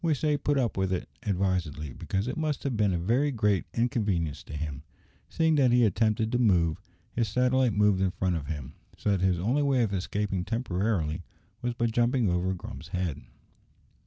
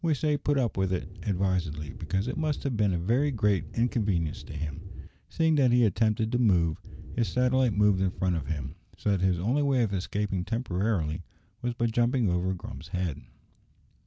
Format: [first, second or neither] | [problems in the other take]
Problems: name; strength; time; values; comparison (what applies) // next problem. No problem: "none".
first | background sound (Wind); 12 dB below the speech